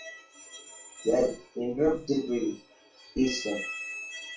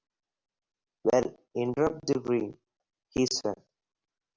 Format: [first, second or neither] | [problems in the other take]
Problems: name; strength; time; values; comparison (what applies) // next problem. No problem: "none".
second | noise reduction (classical method WPE with log-MMSE)